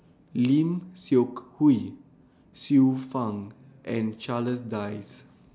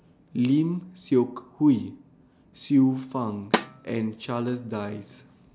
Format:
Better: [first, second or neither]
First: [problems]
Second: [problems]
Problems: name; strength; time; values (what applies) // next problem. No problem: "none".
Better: first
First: none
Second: background sound (Snare drum); 6 dB below the speech